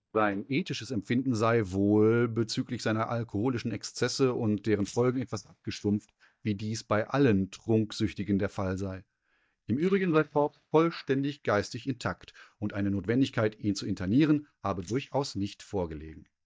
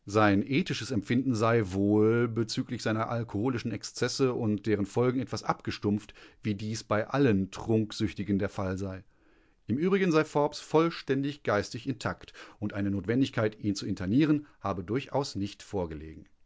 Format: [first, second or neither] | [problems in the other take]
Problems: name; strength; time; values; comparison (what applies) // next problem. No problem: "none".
second | noise reduction (neural mask model DeepFilterNet 3)